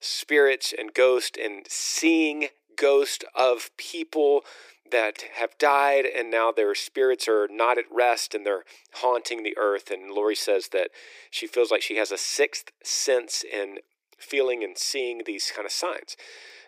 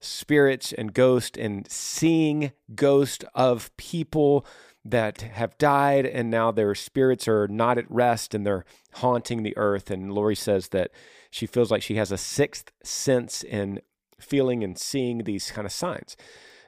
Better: second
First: thin; very; fading below 300 Hz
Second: none

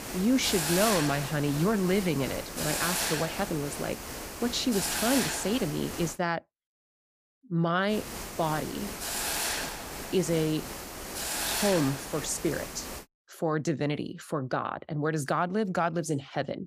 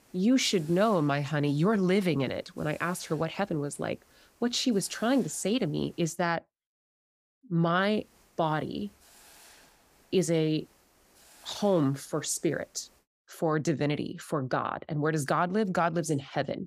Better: second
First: hiss; loud; until 6 s and from 8 to 13 s; 3 dB below the speech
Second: hiss; faint; until 6 s and from 8 to 13 s; 25 dB below the speech

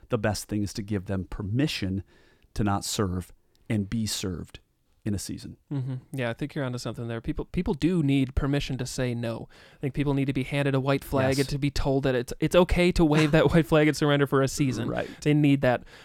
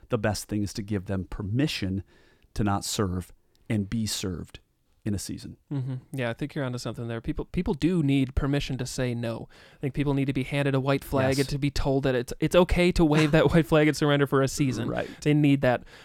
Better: neither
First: none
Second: none

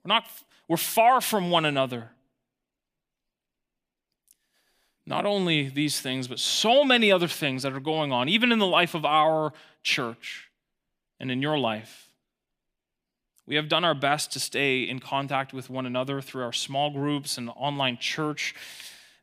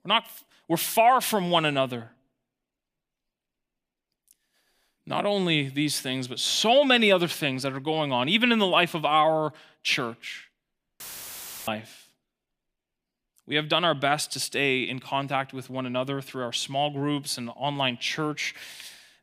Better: first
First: none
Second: audio cutting out; filled with static; at 11 s for 0.5 s

